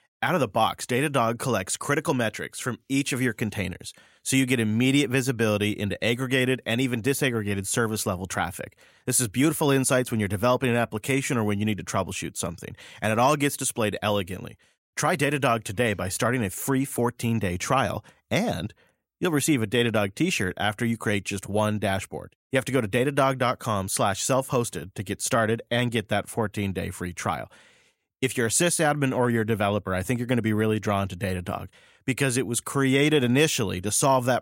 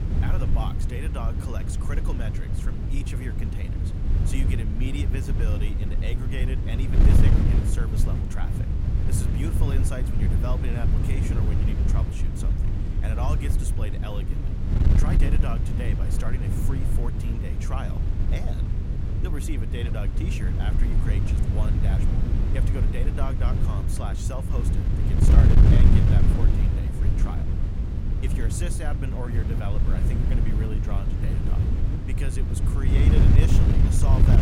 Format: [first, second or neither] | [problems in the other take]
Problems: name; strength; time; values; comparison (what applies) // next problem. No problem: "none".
first | wind noise on the microphone; heavy; 1 dB above the speech